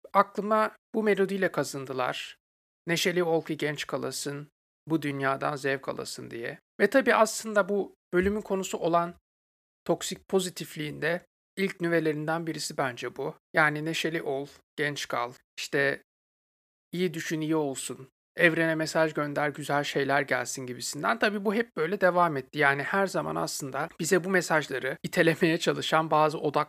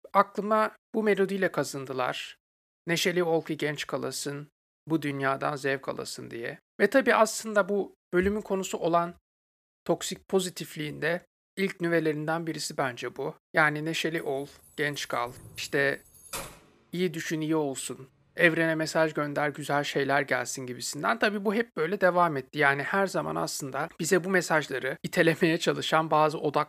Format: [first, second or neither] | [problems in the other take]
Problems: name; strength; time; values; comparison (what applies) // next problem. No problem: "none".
first | jangling keys; faint; from 14 to 17 s; peak 10 dB below the speech